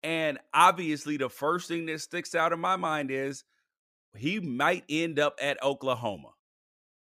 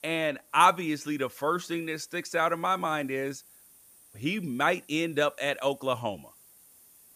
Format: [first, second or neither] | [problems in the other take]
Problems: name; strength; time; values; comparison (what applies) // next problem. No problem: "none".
first | hiss; faint; throughout; 25 dB below the speech